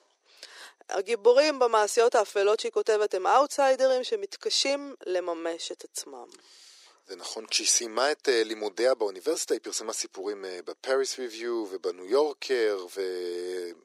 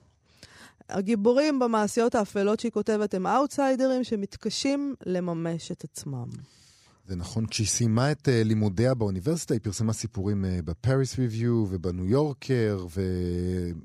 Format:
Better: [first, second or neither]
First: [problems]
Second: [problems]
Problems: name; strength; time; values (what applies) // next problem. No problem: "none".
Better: second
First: thin; very; fading below 350 Hz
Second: none